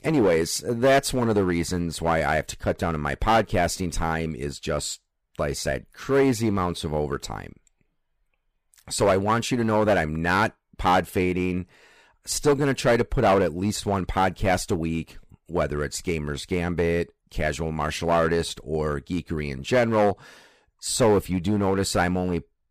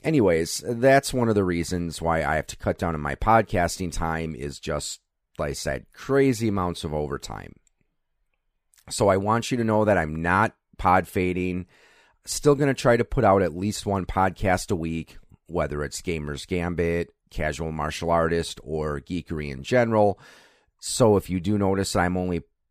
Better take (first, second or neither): second